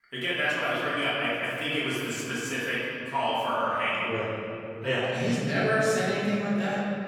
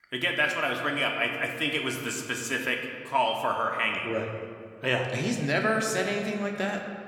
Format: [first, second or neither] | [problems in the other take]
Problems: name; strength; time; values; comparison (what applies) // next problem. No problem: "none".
second | room echo; strong; dies away in 3 s; slight in the second // off-mic speech; far